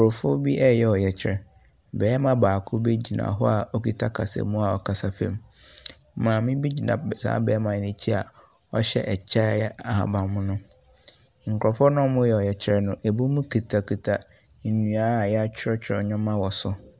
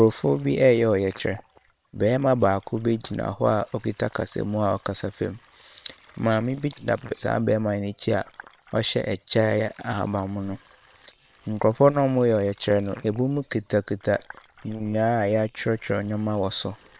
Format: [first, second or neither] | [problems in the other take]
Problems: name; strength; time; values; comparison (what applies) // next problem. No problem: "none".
first | noise reduction (neural separator model SepFormer WHAM!)